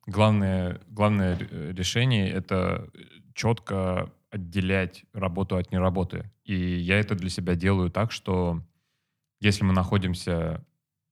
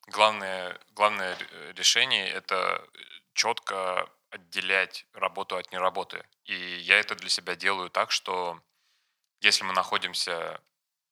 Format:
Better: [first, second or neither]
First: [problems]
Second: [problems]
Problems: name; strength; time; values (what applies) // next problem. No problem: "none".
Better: first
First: none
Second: thin; very; fading below 900 Hz